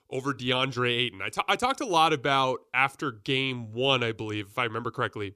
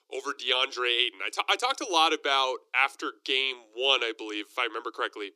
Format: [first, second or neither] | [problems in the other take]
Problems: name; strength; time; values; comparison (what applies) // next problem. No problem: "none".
first | thin; very; fading below 300 Hz